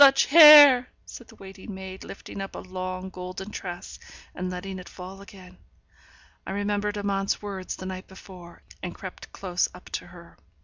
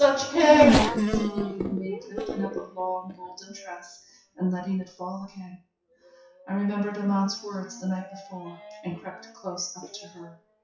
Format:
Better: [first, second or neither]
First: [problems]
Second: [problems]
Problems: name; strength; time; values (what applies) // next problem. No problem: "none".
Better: first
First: none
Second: noise reduction (classical method WPE with log-MMSE)